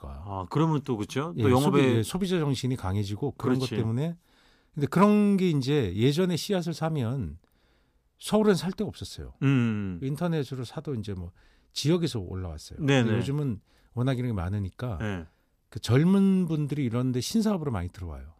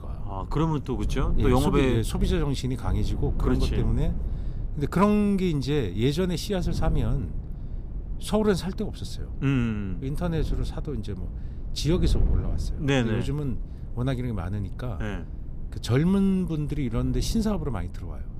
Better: first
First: none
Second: wind noise on the microphone; occasional gusts; 15 dB below the speech

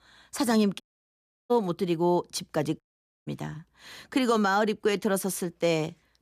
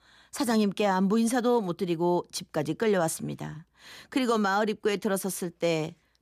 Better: second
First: audio cutting out; at 1 s for 0.5 s and at 3 s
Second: none

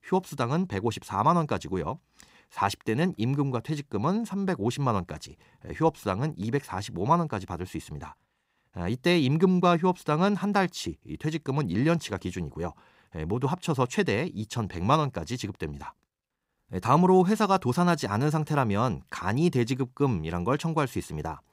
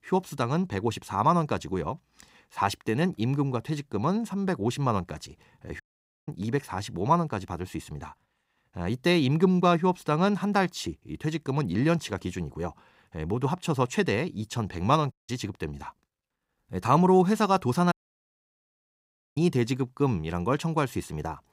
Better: first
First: none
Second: audio cutting out; at 6 s, at 15 s and at 18 s for 1.5 s

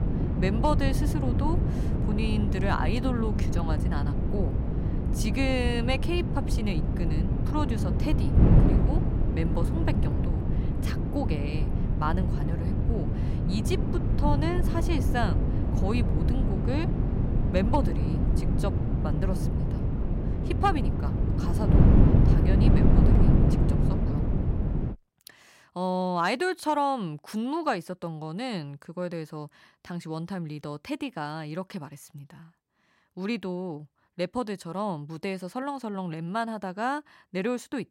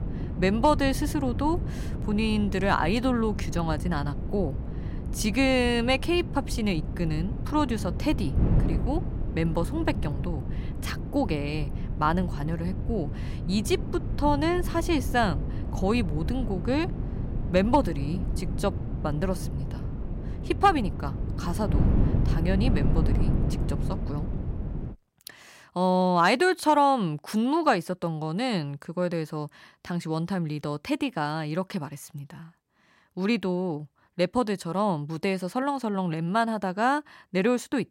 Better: second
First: wind noise on the microphone; heavy; until 25 s; 3 dB below the speech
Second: wind noise on the microphone; occasional gusts; until 25 s; 15 dB below the speech

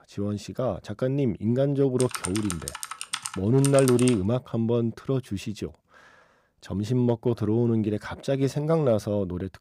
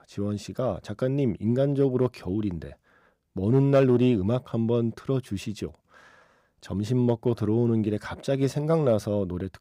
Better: second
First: keyboard typing; noticeable; from 2 to 4 s; peak 4 dB below the speech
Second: none

